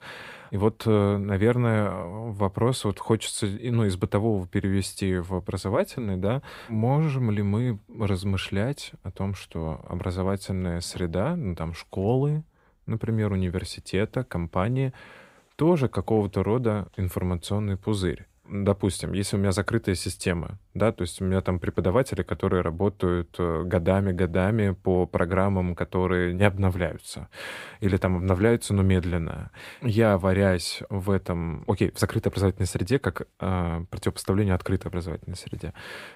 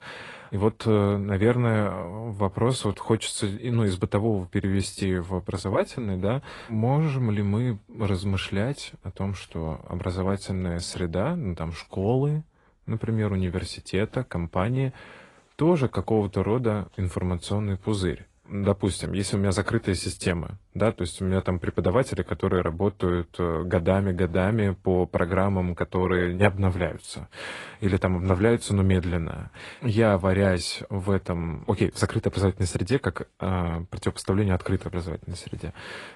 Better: first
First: none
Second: garbled, watery; slightly; nothing above 10.5 kHz

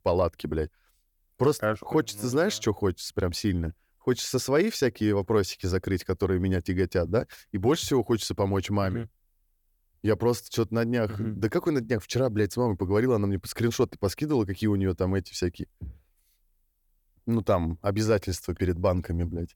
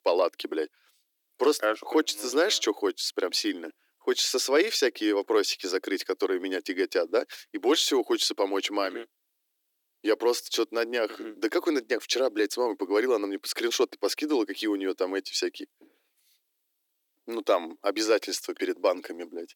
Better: first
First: none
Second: thin; somewhat; fading below 300 Hz

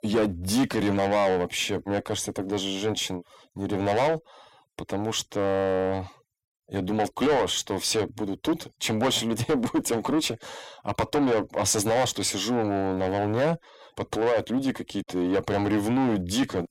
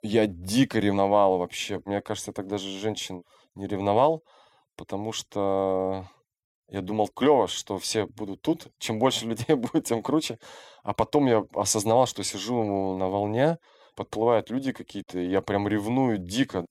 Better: second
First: distortion; heavy; 6 dB below the speech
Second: none

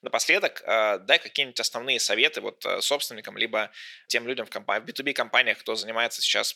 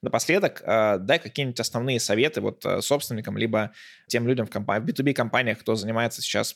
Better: second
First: thin; somewhat; fading below 500 Hz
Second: none

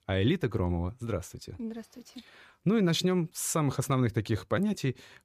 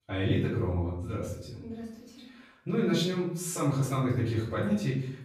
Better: first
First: none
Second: off-mic speech; far // room echo; noticeable; dies away in 0.6 s

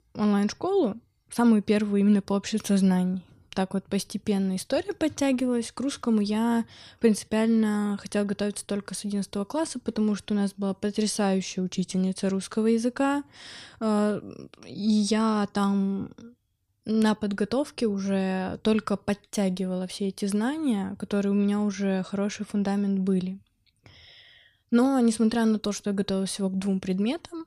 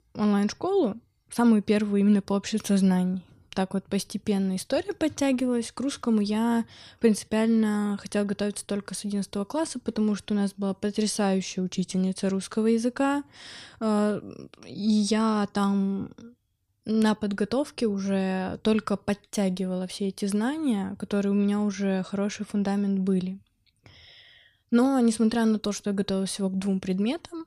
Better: neither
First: none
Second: none

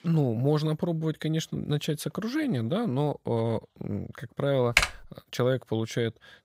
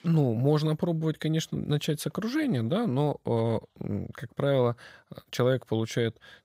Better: second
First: keyboard typing; loud; at 5 s; peak 5 dB above the speech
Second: none

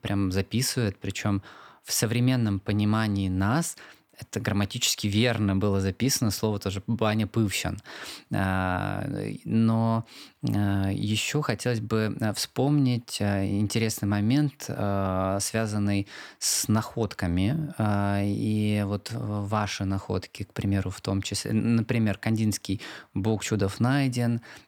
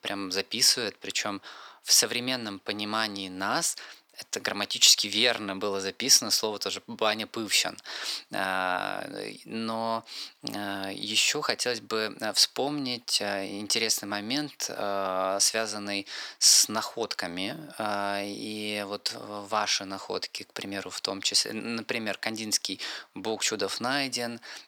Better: first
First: none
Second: thin; somewhat; fading below 450 Hz

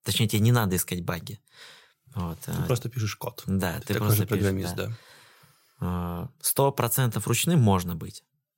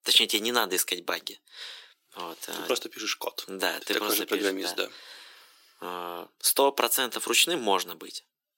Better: first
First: none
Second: thin; very; fading below 300 Hz

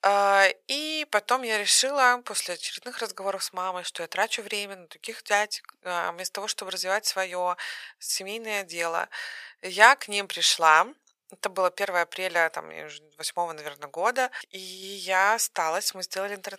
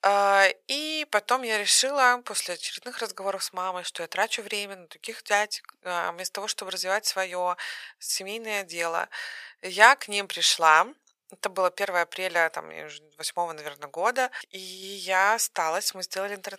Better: neither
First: thin; very; fading below 800 Hz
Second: thin; very; fading below 800 Hz

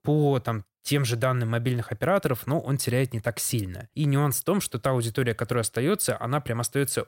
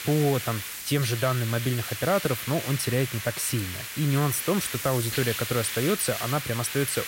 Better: first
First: none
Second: hiss; loud; throughout; 5 dB below the speech

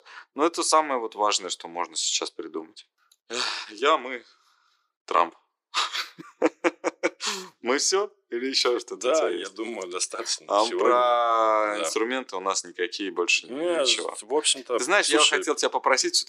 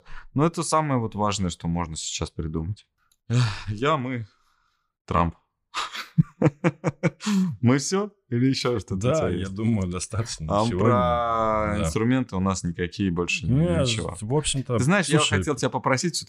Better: second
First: thin; very; fading below 350 Hz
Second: none

